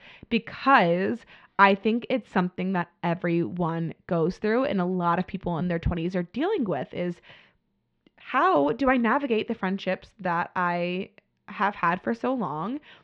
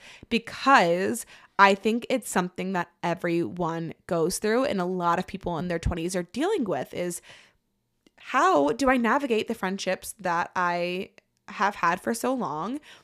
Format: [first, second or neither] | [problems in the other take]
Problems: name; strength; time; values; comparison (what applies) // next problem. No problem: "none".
second | muffled; slightly; fading above 3.5 kHz